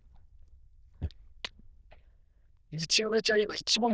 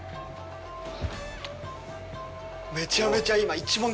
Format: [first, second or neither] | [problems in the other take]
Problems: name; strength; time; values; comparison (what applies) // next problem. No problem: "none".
second | noise reduction (neural diffusion model UNIVERSE++)